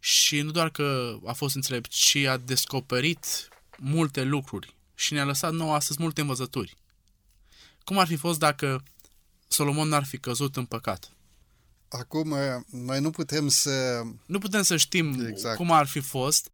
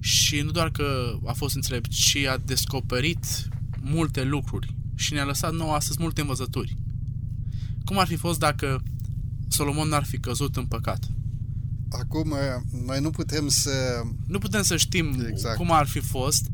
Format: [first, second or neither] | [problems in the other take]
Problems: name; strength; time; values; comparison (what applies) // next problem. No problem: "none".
first | low rumble; noticeable; throughout; 20 dB below the speech